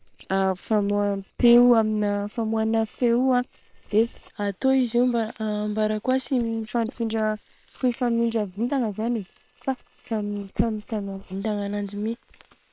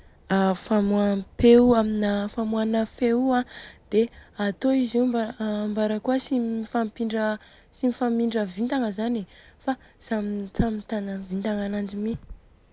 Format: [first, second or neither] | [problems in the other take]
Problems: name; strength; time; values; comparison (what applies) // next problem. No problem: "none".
second | noise reduction (neural separator model SepFormer WHAM!)